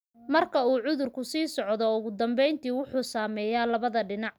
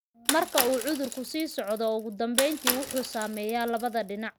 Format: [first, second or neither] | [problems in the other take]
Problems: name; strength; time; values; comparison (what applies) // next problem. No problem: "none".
first | background sound (Bicycle); 5 dB below the speech